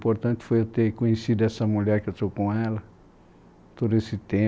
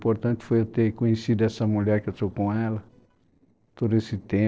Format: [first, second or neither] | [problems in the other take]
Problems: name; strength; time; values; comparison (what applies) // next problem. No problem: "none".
first | noise reduction (neural separator model SepFormer DNS4)